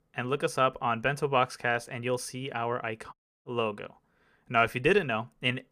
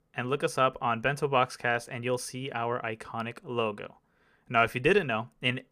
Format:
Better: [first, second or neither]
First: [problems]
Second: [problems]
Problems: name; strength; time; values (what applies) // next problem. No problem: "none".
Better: second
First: audio cutting out; at 3 s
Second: none